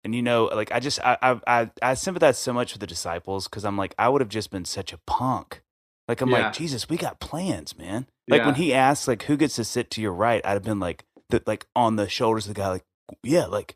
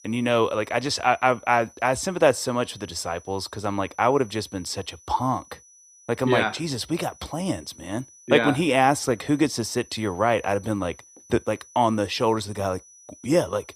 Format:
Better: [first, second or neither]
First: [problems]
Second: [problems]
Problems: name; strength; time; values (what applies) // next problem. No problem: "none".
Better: first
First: none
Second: high-pitched whine; faint; throughout; 6 kHz, 25 dB below the speech